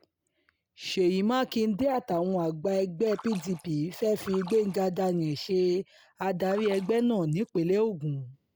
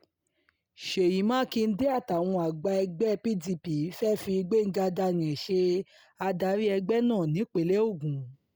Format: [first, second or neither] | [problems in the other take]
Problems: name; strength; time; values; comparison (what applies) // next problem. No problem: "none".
second | background sound (Splash, splatter); 20 dB below the speech